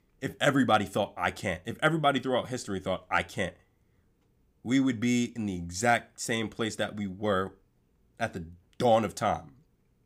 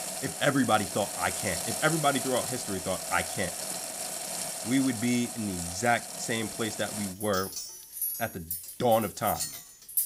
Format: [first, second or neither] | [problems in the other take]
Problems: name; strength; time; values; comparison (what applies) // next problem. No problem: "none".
first | household noises; loud; throughout; 4 dB below the speech